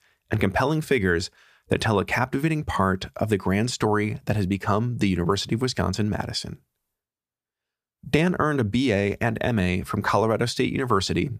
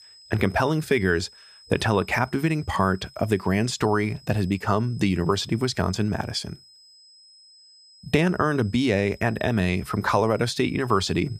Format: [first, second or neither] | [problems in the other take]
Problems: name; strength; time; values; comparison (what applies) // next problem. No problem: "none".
first | high-pitched whine; faint; throughout; 5 kHz, 25 dB below the speech